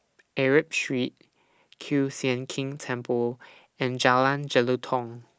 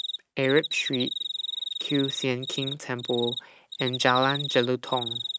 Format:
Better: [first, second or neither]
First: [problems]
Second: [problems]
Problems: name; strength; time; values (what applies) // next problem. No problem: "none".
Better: first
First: none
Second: noise reduction (neural mask model RNNoise)